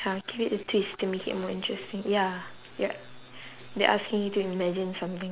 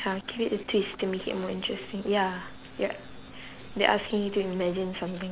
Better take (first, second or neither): first